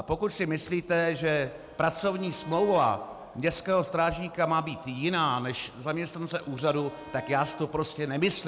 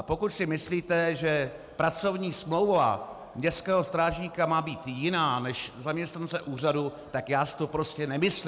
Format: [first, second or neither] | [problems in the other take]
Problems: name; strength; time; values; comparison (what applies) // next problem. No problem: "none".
second | background sound (Bowed string instrument); 20 dB below the speech